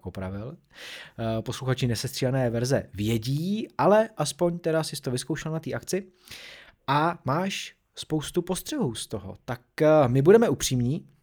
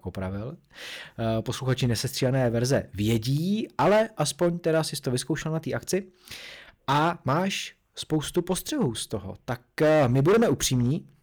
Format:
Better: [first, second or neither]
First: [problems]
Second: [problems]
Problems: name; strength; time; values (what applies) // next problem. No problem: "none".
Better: first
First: none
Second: distortion; slight; 4% of the sound clipped